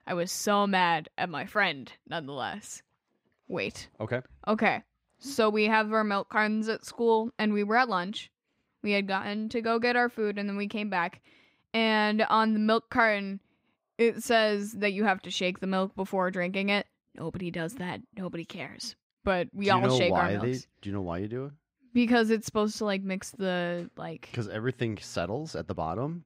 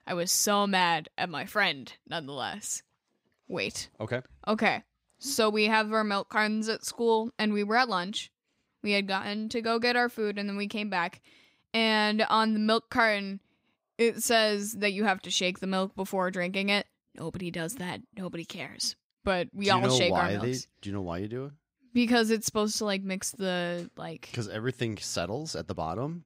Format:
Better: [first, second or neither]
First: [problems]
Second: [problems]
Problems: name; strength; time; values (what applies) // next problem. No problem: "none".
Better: second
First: muffled; slightly; fading above 3.5 kHz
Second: none